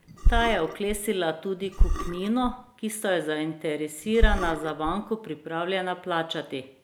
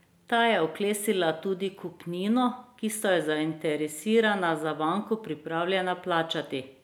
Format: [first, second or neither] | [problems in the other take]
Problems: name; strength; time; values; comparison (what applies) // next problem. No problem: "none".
second | background sound (Burping, eructation); 3 dB above the speech